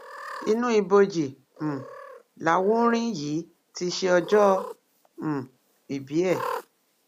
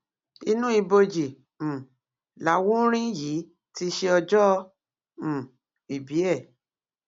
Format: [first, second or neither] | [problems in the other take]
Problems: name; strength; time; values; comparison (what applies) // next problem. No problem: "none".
second | background sound (Cat); 15 dB below the speech